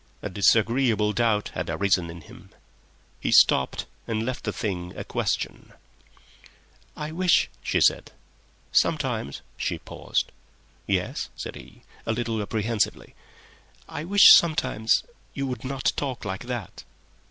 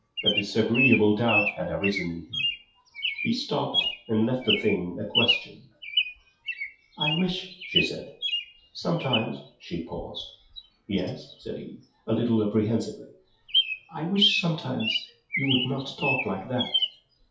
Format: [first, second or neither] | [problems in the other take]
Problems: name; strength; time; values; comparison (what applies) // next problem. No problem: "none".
first | noise reduction (classical method WPE with log-MMSE)